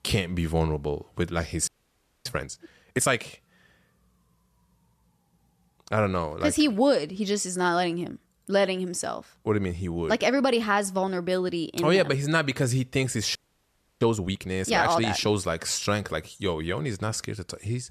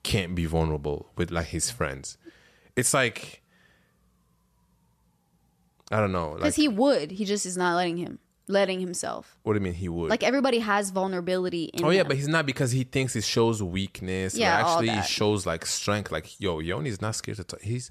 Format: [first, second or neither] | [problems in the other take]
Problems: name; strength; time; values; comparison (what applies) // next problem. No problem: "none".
second | audio freezing; at 1.5 s for 0.5 s and at 13 s for 0.5 s